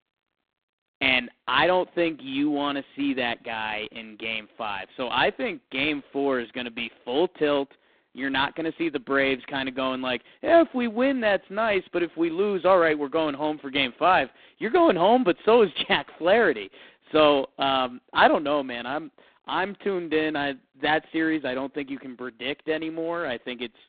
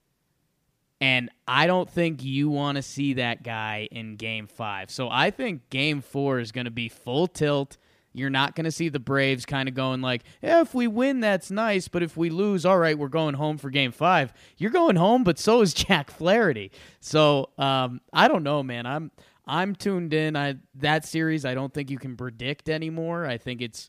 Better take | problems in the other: second | phone-call audio; poor line; nothing above 3.5 kHz

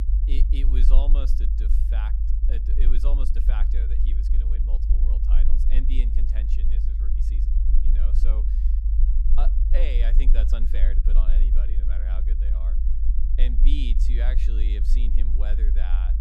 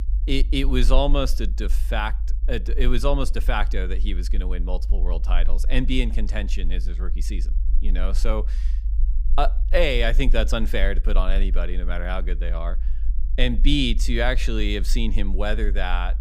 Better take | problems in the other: second | low rumble; loud; throughout; 5 dB below the speech; faint in the second

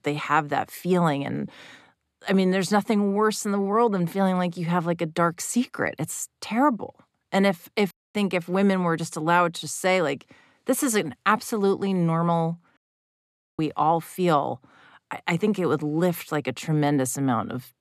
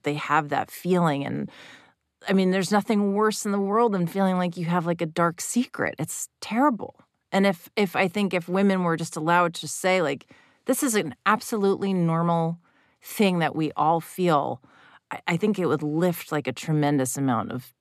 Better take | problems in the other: second | audio cutting out; at 8 s and at 13 s for 1 s

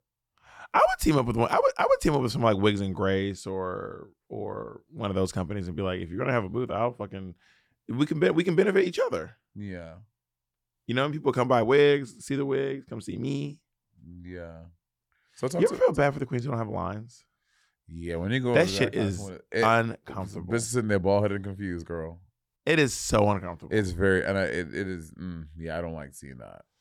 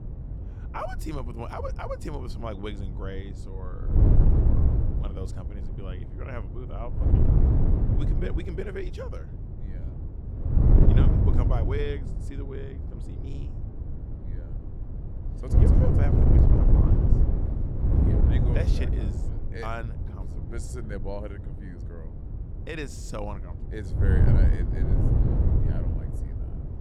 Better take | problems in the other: first | wind noise on the microphone; heavy; 2 dB above the speech

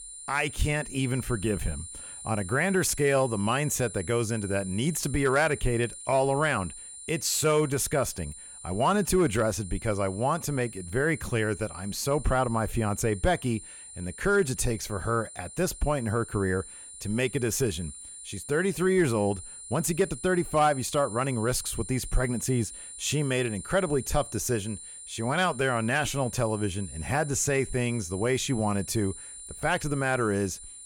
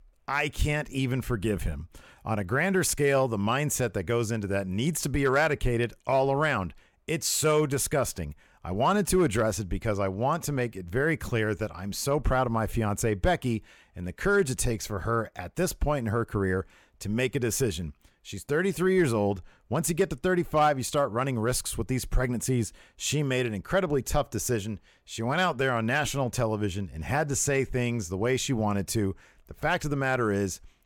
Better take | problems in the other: second | high-pitched whine; noticeable; throughout; 9.5 kHz, 15 dB below the speech

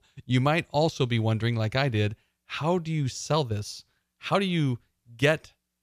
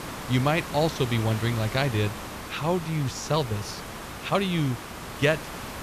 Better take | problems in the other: first | hiss; loud; throughout; 9 dB below the speech

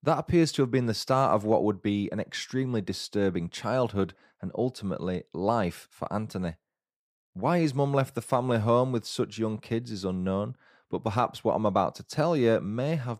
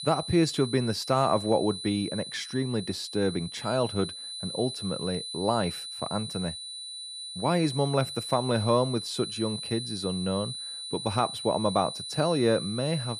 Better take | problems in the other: first | high-pitched whine; loud; throughout; 4 kHz, 7 dB below the speech

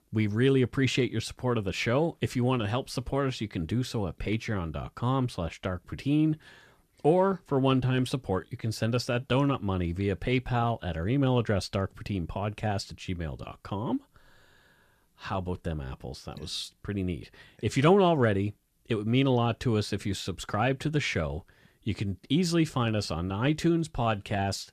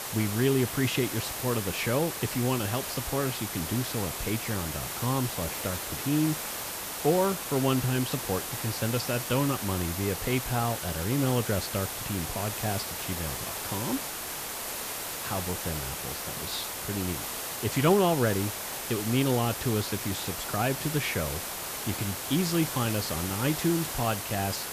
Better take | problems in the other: first | hiss; loud; throughout; 3 dB below the speech

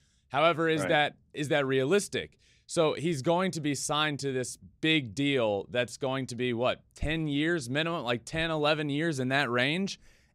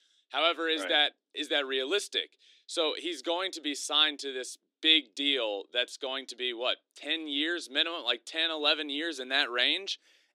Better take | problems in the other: first | thin; very slightly; fading below 300 Hz

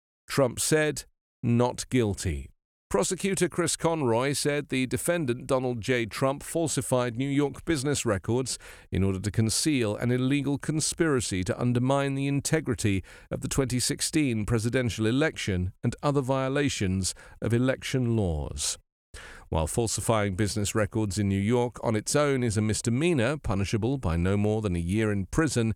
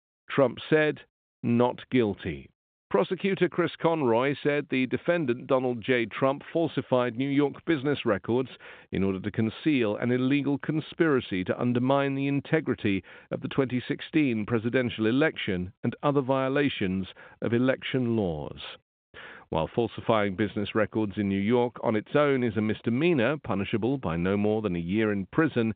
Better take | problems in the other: first | phone-call audio; nothing above 4 kHz

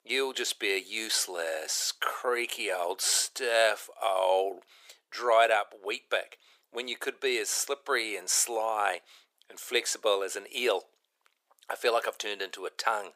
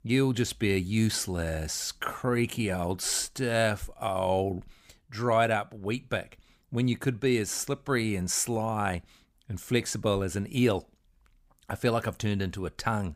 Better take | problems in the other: second | thin; very; fading below 400 Hz

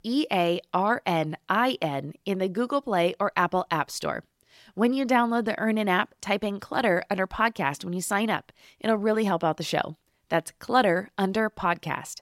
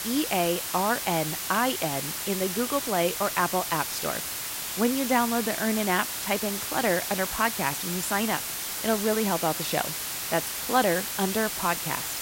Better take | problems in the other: first | hiss; loud; throughout; 2 dB below the speech

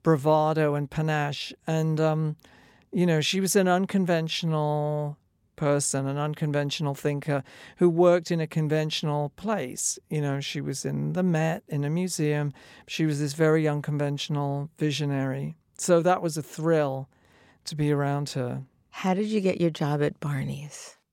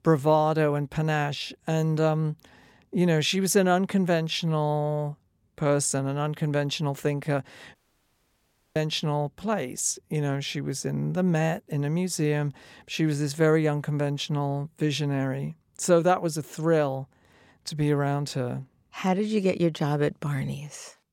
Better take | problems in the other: first | audio cutting out; at 8 s for 1 s

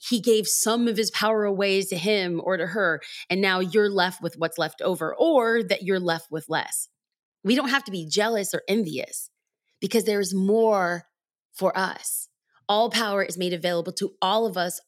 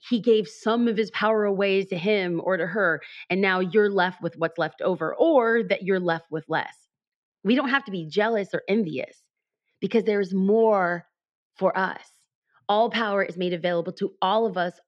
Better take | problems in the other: first | muffled; very; fading above 3 kHz

